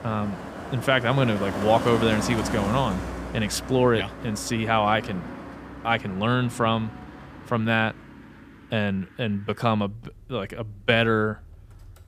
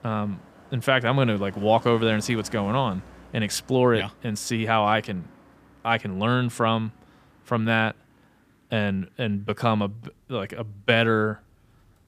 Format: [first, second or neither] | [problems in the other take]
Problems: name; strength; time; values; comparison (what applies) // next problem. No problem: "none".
second | traffic noise; loud; throughout; 9 dB below the speech; faint in the second